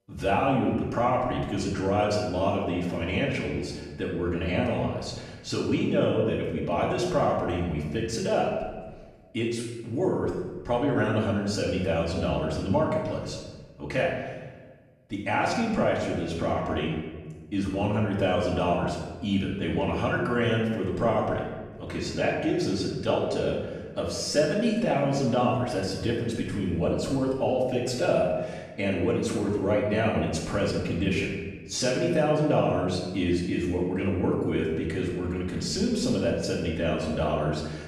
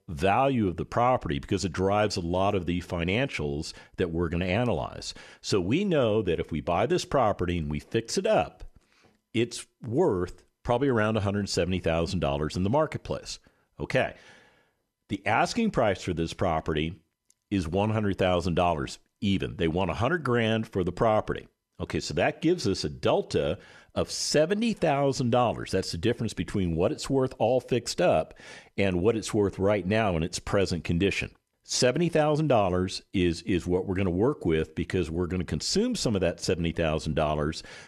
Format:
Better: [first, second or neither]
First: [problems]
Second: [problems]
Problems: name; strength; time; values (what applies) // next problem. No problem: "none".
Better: second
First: off-mic speech; far // room echo; noticeable; dies away in 1.2 s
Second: none